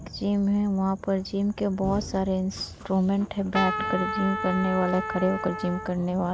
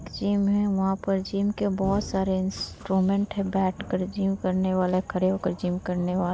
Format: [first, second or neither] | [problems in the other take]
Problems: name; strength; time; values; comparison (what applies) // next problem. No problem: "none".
second | background sound (Trumpet); 6 dB below the speech